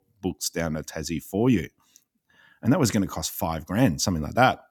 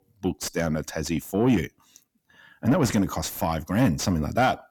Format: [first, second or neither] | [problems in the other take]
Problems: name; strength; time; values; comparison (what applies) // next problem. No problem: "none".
first | distortion; slight; 10 dB below the speech